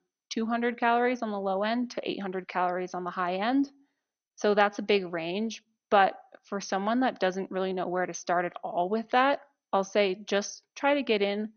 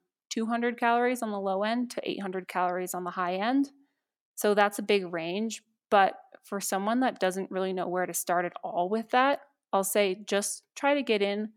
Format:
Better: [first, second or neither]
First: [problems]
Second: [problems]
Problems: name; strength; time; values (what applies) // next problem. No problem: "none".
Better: second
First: garbled, watery; slightly; nothing above 6.5 kHz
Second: none